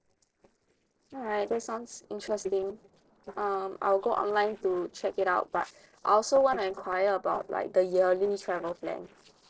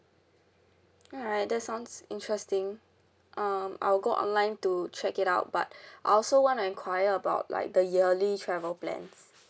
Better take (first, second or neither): second